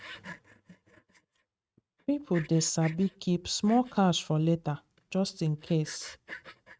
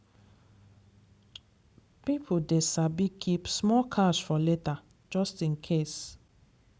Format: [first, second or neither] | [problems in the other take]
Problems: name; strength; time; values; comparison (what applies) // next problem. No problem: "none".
second | noise reduction (neural mask model RNNoise)